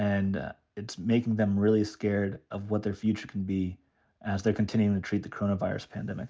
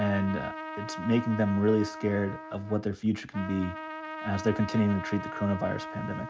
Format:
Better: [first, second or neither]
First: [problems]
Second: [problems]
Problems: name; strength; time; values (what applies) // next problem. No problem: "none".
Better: first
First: none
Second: background sound (Trumpet); 10 dB below the speech